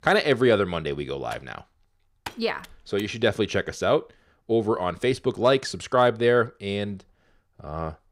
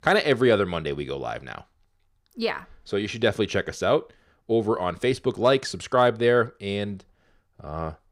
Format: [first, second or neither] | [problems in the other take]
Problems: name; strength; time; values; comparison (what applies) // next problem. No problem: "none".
second | keyboard typing; faint; from 1.5 to 3 s; peak 15 dB below the speech